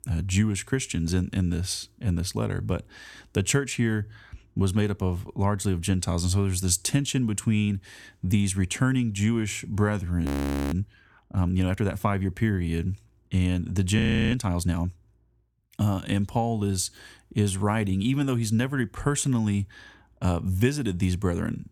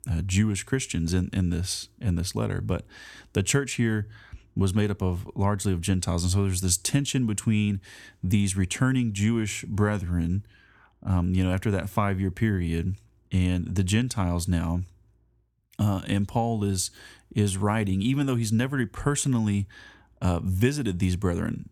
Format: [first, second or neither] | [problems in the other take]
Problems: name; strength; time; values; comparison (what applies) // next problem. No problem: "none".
second | audio freezing; at 10 s and at 14 s